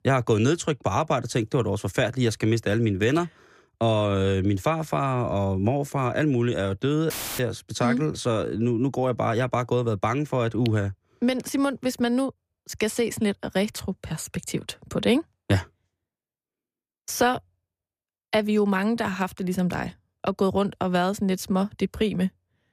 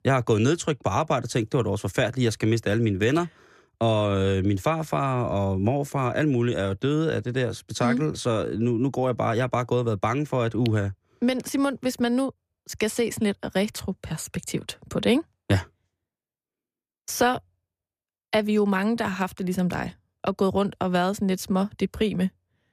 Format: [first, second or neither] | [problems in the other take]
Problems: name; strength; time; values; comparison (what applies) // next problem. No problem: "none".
second | audio cutting out; filled with static; at 7 s